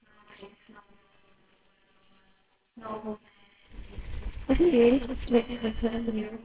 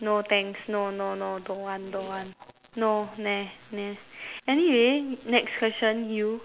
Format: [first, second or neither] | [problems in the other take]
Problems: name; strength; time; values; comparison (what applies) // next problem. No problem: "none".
second | noise reduction (neural separator model SepFormer WHAMR!)